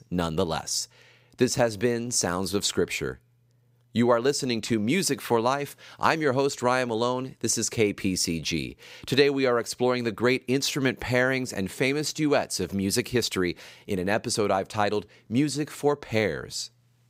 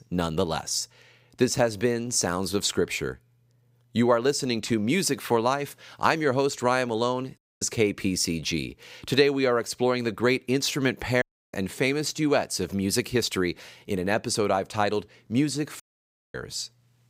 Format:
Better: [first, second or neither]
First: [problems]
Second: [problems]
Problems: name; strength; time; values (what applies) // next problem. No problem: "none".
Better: first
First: none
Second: audio cutting out; at 7.5 s, at 11 s and at 16 s for 0.5 s